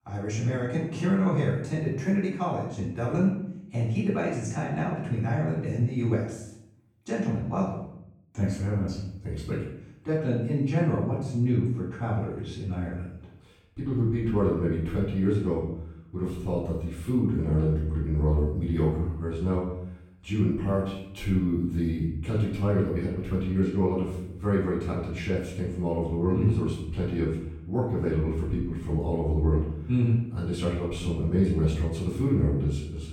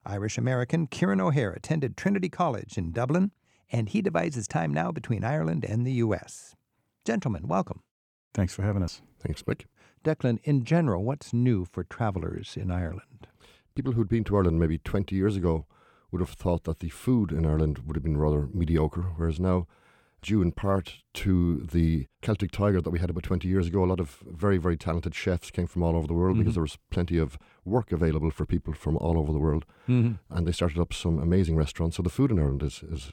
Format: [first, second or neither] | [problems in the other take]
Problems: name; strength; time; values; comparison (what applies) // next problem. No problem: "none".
second | off-mic speech; far // room echo; noticeable; dies away in 0.7 s